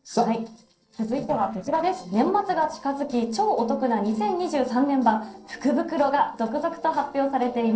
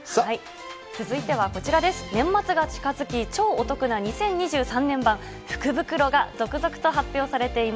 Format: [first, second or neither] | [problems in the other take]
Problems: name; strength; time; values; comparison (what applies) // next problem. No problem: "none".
second | noise reduction (neural separator model SepFormer DNS4)